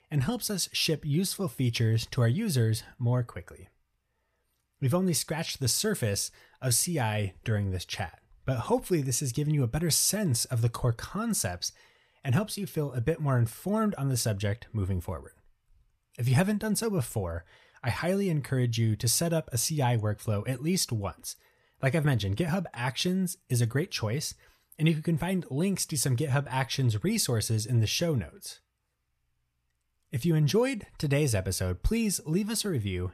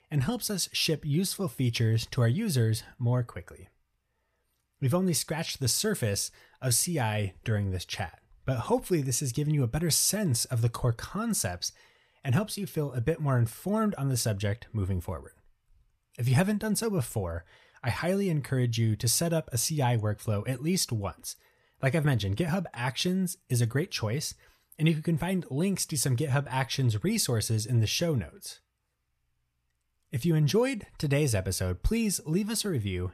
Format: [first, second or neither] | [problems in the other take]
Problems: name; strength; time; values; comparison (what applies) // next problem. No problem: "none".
neither | none